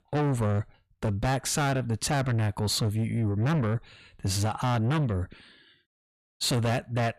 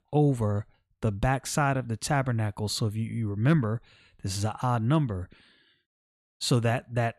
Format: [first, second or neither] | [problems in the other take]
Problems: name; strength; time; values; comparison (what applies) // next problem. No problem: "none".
second | distortion; heavy; 6 dB below the speech